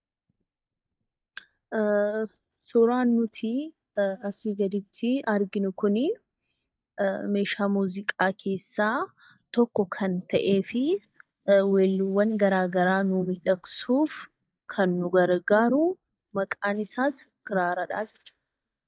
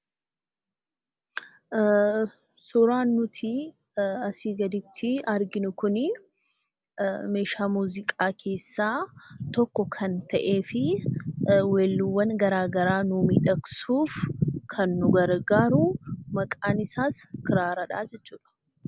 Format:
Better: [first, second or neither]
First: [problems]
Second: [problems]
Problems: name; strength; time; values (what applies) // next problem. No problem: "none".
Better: second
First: noise reduction (neural mask model DeepFilterNet 3)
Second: none